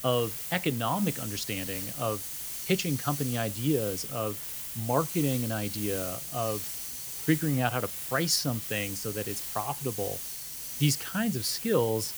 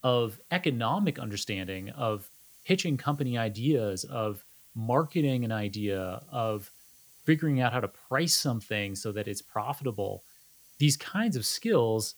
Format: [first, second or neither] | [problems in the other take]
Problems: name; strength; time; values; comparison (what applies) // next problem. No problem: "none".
second | hiss; loud; throughout; 4 dB below the speech; faint in the second